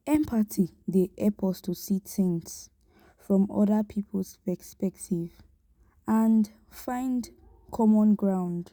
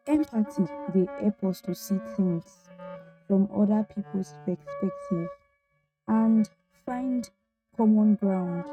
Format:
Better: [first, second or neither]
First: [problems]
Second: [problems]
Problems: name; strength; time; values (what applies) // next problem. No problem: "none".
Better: first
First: none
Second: noise reduction (neural mask model RNNoise)